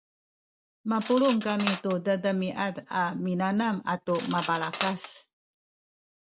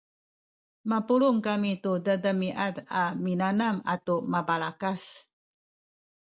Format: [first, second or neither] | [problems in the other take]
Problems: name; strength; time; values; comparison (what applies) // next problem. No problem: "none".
second | background sound (Cutlery, silverware); 13 dB below the speech